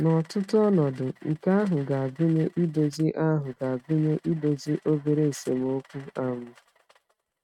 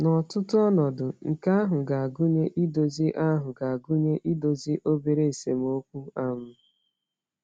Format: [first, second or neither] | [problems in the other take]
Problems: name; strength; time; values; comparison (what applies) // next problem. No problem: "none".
second | noise reduction (neural mask model RNNoise)